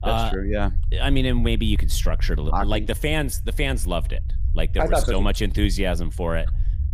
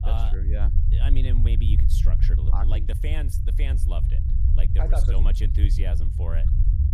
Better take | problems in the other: first | low rumble; loud; throughout; 3 dB below the speech; faint in the first

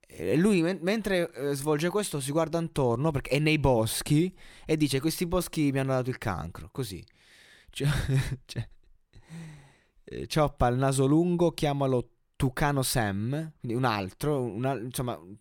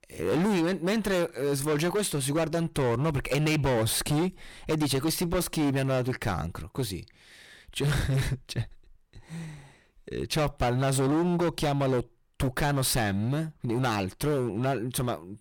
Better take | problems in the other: first | distortion; heavy; 18% of the sound clipped

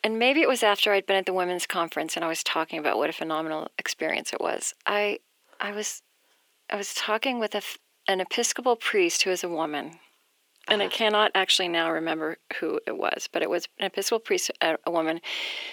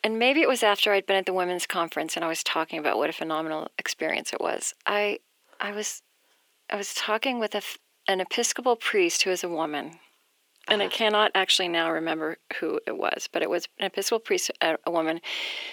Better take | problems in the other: neither | thin; very; fading below 350 Hz; the same in both

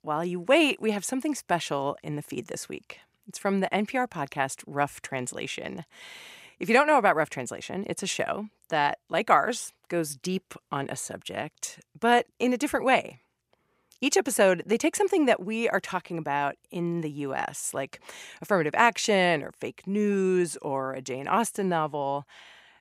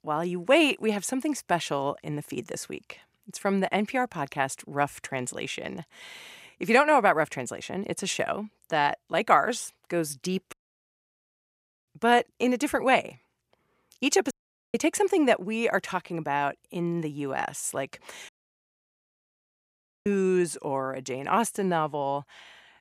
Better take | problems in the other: first | audio cutting out; at 11 s for 1.5 s, at 14 s and at 18 s for 2 s

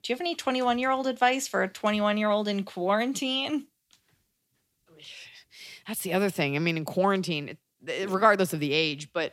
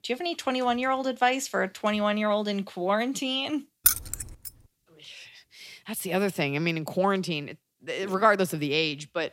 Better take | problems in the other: first | jangling keys; loud; at 4 s; peak 5 dB above the speech

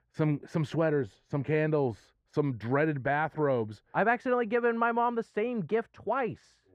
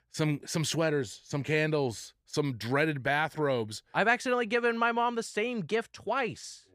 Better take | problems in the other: second | muffled; very; fading above 3 kHz

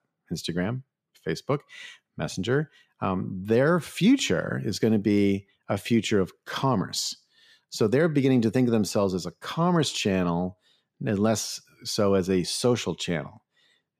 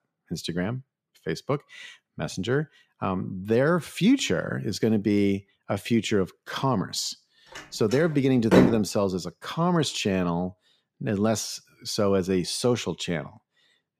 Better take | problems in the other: first | door banging; loud; at 8.5 s; peak 5 dB above the speech

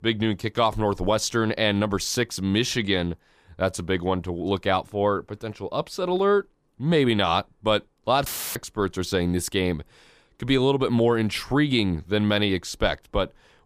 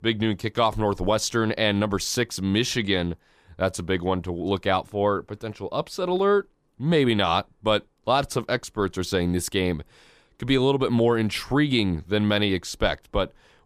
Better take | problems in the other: second | audio cutting out; filled with static; at 8.5 s

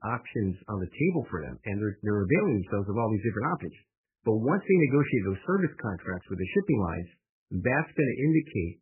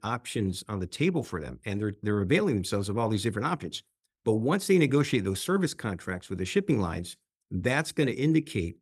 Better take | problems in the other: second | garbled, watery; badly; nothing above 2.5 kHz

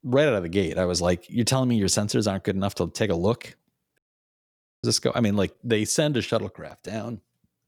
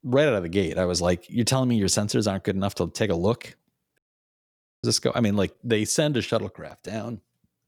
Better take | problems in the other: neither | audio cutting out; at 4 s for 1 s; the same in both

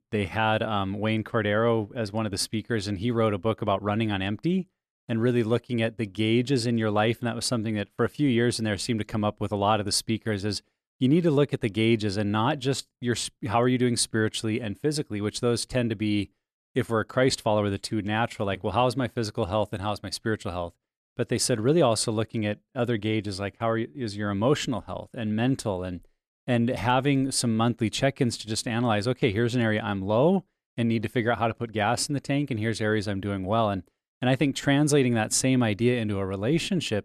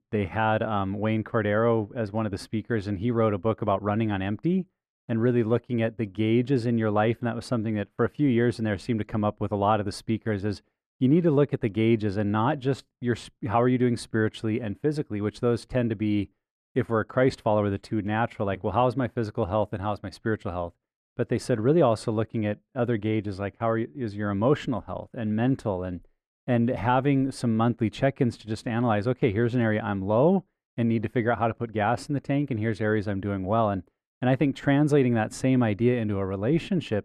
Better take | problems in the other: first | muffled; slightly; fading above 3 kHz

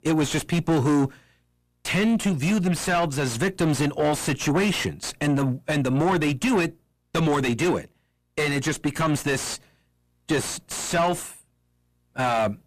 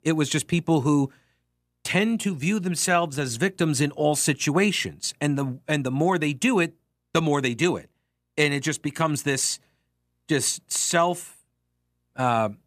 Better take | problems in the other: second | distortion; heavy; 4 dB below the speech

